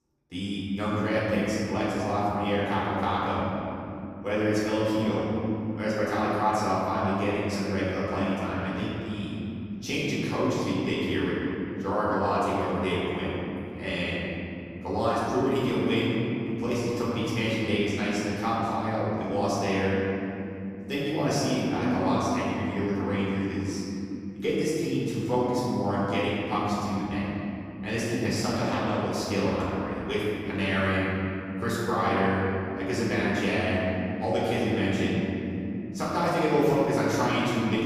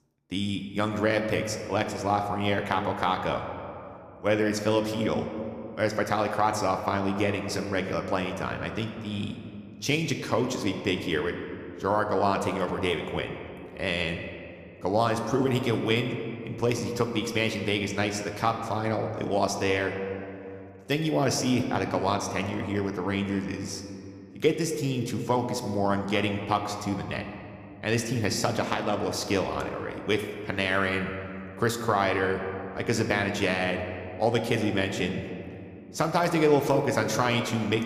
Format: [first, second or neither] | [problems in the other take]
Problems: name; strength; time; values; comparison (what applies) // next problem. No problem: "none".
second | room echo; strong; dies away in 3 s; slight in the second // off-mic speech; far